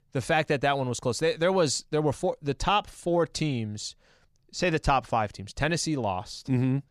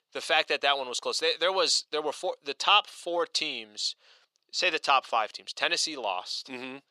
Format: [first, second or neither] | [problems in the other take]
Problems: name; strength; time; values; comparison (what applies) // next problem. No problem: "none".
first | thin; very; fading below 450 Hz